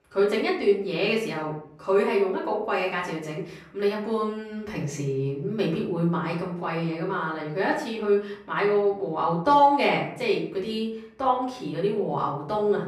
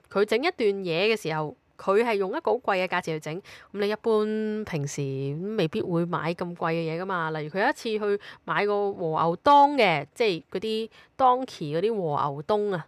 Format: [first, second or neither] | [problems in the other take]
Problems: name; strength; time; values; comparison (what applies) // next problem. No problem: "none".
second | off-mic speech; far // room echo; noticeable; dies away in 0.5 s